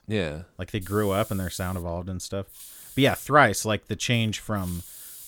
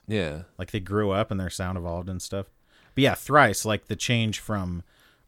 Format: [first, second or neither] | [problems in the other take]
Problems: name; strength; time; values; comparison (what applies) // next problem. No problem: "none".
second | hiss; noticeable; from 1 to 2 s, at 2.5 s and from 4 s on; 15 dB below the speech